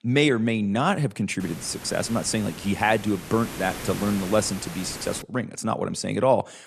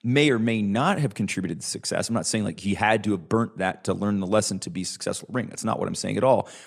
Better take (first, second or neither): second